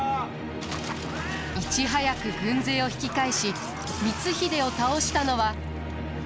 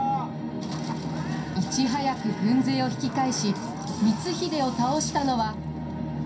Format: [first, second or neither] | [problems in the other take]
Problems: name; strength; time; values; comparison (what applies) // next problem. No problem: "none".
first | background sound (Bowed string instrument); 18 dB below the speech // room echo; dies away in 0.3 s